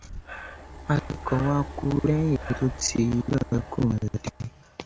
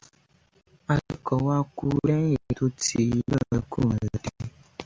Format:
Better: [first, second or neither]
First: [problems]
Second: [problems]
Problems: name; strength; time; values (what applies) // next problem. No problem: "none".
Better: second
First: background sound (Breathing); 13 dB below the speech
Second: none